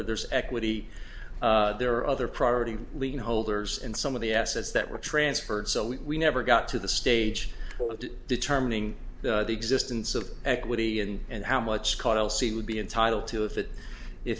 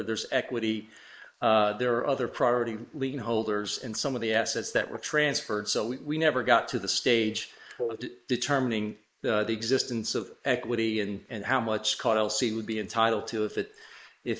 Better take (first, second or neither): first